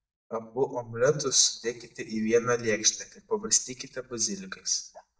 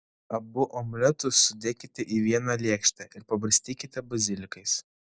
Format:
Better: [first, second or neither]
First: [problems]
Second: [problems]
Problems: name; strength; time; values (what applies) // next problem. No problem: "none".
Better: second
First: noise reduction (neural mask model DeepFilterNet 3)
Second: none